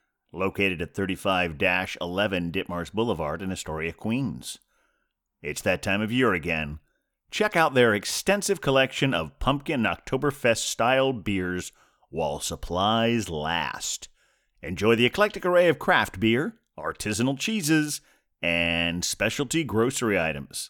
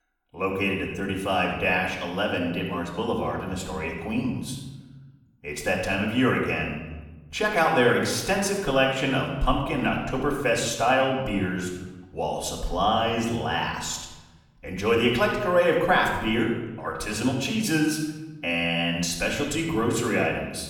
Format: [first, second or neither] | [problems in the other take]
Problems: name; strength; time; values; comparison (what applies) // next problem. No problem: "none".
first | off-mic speech; far // room echo; noticeable; dies away in 1 s